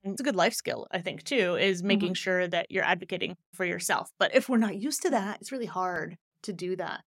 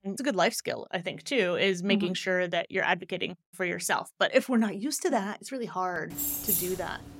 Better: first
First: none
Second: jangling keys; loud; at 6 s; peak 2 dB above the speech

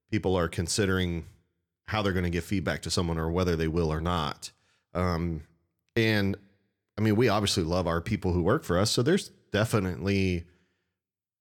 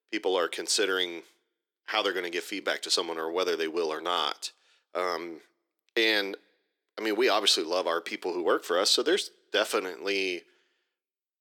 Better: first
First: none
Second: thin; very; fading below 350 Hz

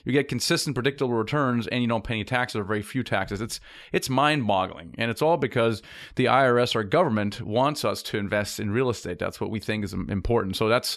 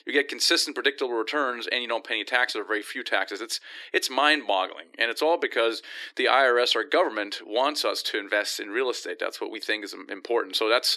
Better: first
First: none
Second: thin; somewhat; fading below 300 Hz

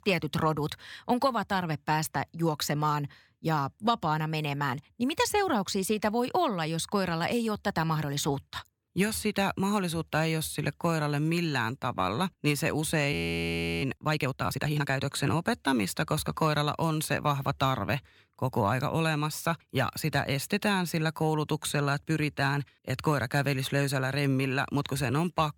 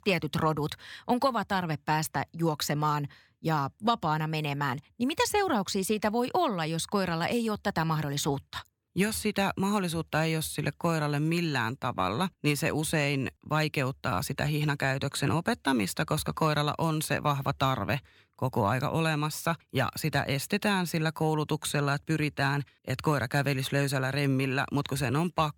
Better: second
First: audio freezing; at 13 s for 0.5 s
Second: none

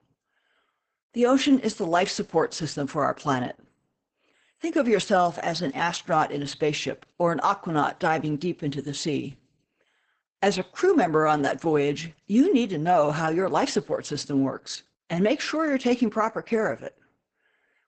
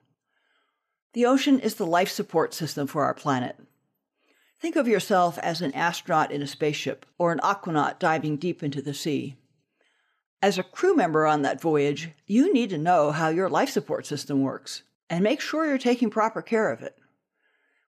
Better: second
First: garbled, watery; badly; nothing above 8 kHz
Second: none

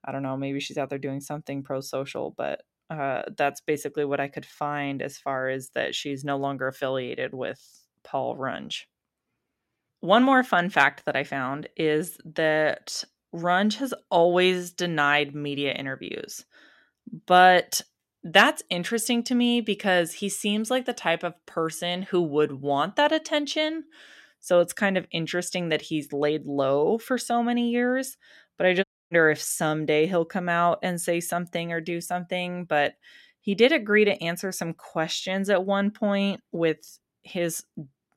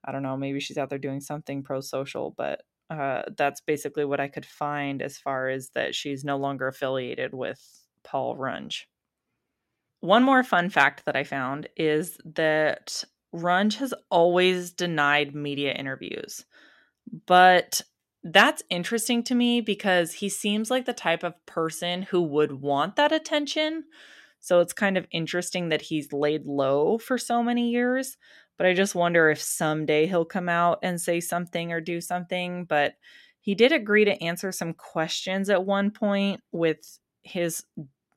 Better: second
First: audio cutting out; at 29 s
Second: none

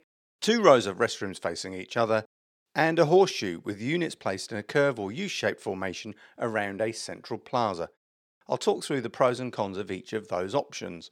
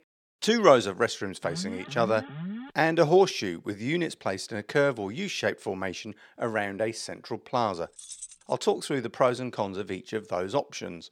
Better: first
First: none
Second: alarm; noticeable; from 1.5 to 2.5 s; peak 9 dB below the speech // jangling keys; faint; at 8 s; peak 15 dB below the speech

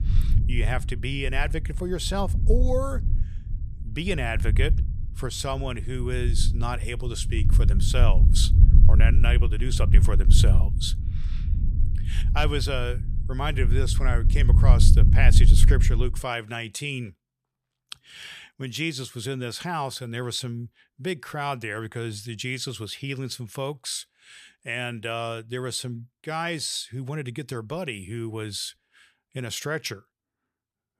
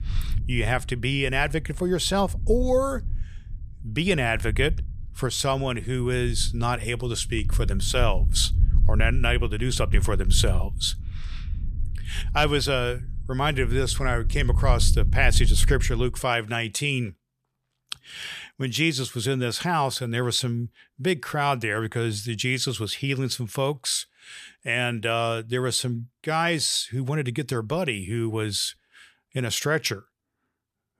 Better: second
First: low rumble; loud; until 16 s; 9 dB below the speech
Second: low rumble; faint; until 16 s; 20 dB below the speech

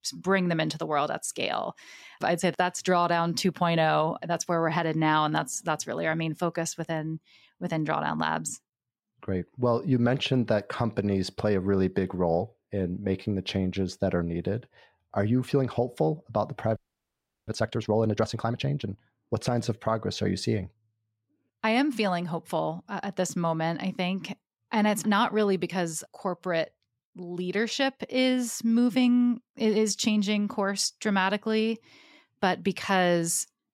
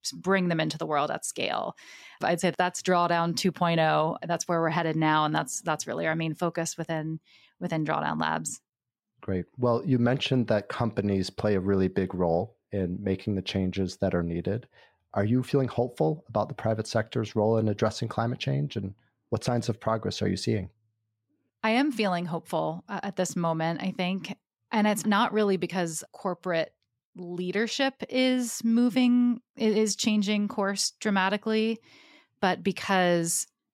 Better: second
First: audio freezing; at 17 s for 0.5 s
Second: none

